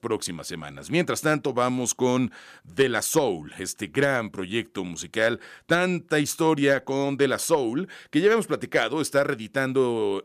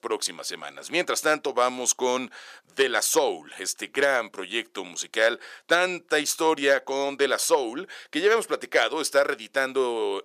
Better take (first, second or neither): first